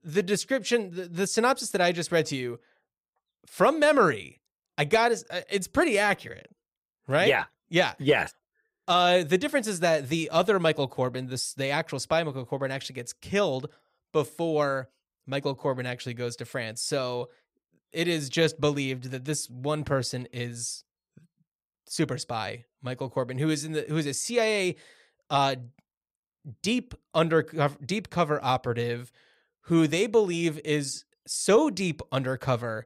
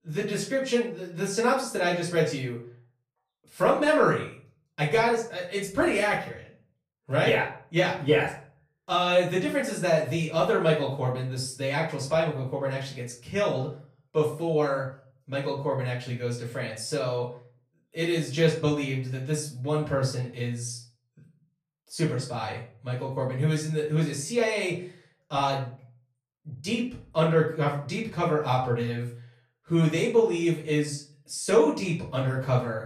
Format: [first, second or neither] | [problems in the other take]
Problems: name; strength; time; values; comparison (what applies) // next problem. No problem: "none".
first | off-mic speech; far // room echo; slight; dies away in 0.4 s